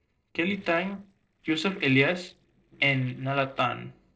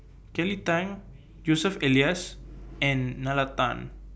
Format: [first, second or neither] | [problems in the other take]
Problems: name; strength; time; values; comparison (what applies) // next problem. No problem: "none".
second | noise reduction (neural separator model SepFormer DNS4)